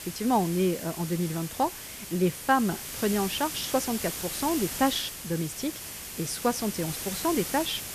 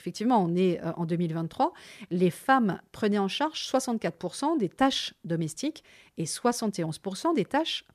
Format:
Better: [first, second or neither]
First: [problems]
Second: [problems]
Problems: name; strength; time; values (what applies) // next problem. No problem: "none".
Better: second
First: hiss; loud; throughout; 6 dB below the speech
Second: none